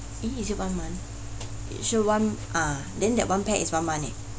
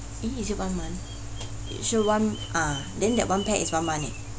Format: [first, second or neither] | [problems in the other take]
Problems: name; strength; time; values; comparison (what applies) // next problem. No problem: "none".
first | background sound (Bird vocalization, bird call, bird song); 19 dB below the speech